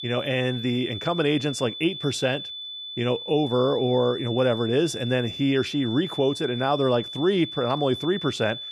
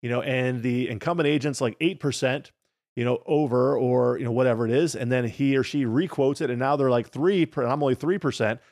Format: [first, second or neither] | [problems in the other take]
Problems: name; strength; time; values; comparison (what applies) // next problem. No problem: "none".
second | high-pitched whine; loud; throughout; 3.5 kHz, 9 dB below the speech